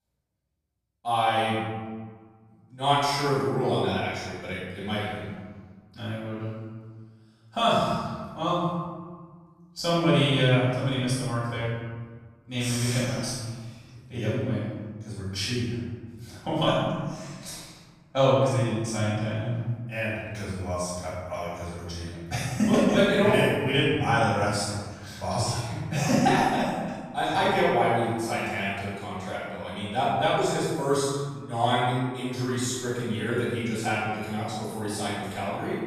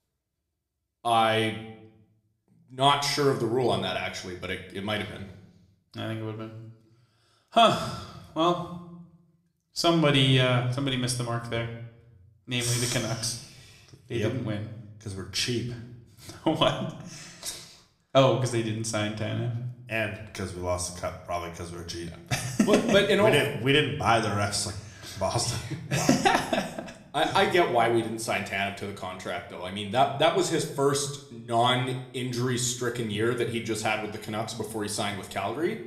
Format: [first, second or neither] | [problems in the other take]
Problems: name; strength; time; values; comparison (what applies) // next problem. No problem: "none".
second | room echo; strong; dies away in 1.5 s; slight in the second // off-mic speech; far; somewhat distant in the second